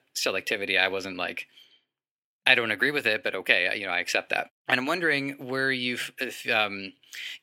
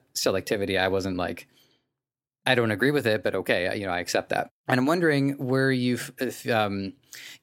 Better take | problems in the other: second | thin; somewhat; fading below 700 Hz

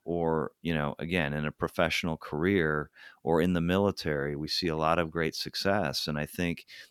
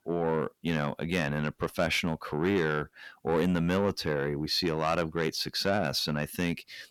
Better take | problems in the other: first | distortion; slight; 10 dB below the speech

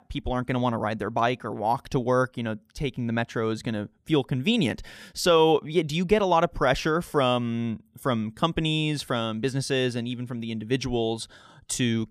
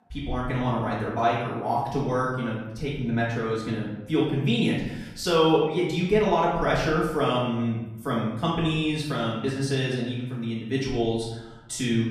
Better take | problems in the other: first | off-mic speech; far // room echo; noticeable; dies away in 0.9 s

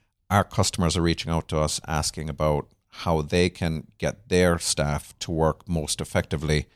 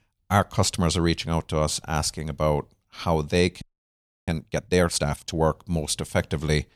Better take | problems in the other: first | audio freezing; at 3.5 s for 0.5 s

